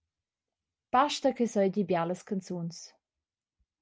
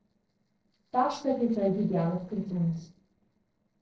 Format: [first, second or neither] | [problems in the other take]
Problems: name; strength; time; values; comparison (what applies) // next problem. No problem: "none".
first | noise reduction (neural separator model SepFormer DNS4)